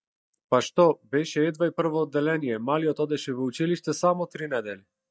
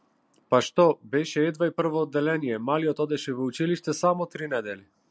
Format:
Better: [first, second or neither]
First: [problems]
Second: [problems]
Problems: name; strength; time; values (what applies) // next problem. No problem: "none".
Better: second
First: noise reduction (neural mask model DeepFilterNet 3)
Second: none